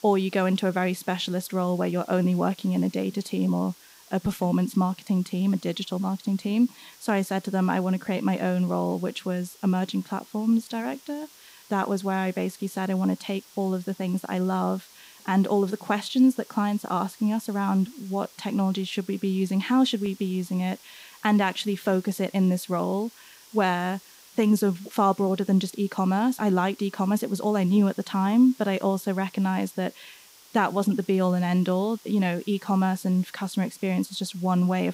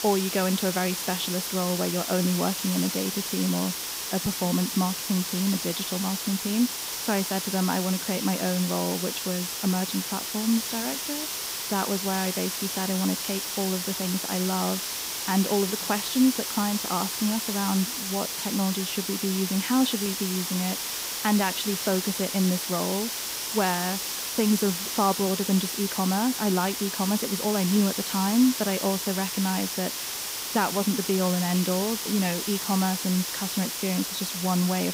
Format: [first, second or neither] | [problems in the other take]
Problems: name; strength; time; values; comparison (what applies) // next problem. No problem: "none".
first | hiss; loud; throughout; 2 dB below the speech; faint in the first